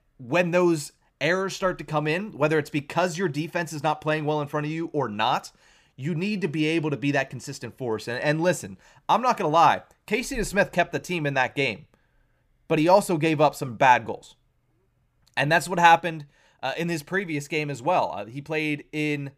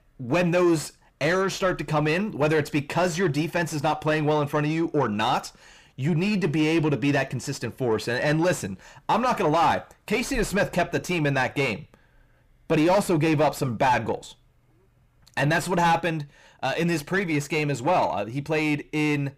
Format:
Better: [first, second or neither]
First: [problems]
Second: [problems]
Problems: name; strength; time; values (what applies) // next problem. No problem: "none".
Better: first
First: none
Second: distortion; heavy; 6 dB below the speech